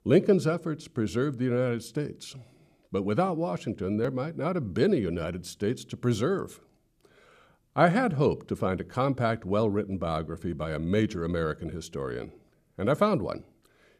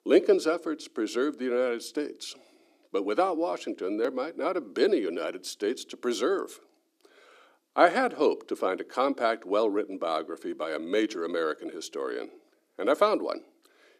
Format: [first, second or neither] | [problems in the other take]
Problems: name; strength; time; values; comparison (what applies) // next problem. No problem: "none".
first | thin; somewhat; fading below 300 Hz